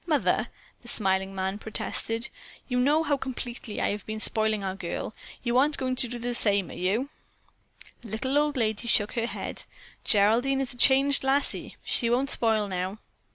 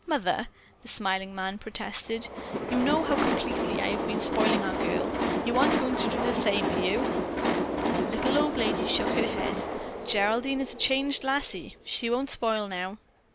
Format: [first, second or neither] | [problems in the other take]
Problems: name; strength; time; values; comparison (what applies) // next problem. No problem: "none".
first | background sound (Train); as loud as the speech